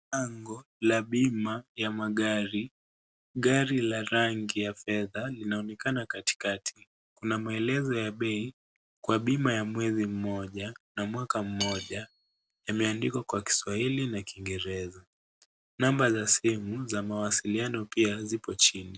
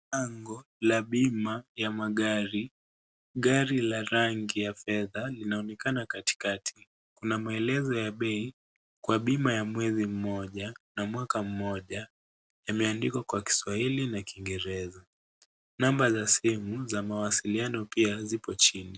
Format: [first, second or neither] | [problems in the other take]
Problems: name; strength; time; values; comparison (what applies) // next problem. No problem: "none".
second | background sound (Cutlery, silverware / Dishes, pots, and pans); 10 dB below the speech